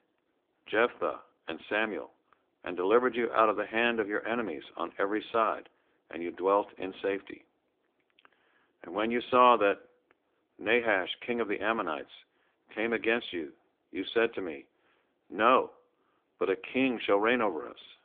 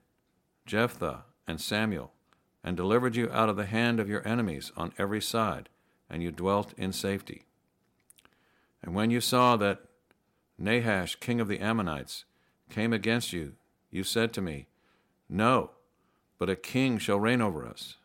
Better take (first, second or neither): second